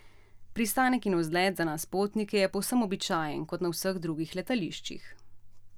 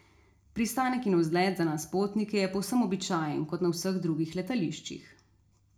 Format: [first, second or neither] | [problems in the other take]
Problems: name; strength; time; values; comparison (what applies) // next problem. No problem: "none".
first | room echo; dies away in 0.4 s